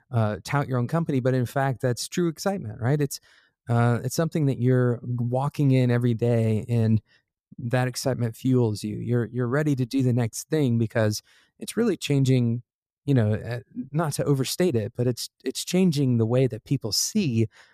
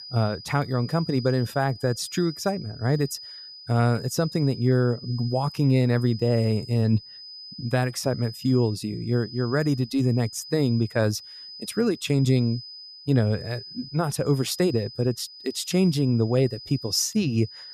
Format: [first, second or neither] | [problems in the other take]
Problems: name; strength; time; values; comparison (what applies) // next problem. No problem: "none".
first | high-pitched whine; noticeable; throughout; 5 kHz, 15 dB below the speech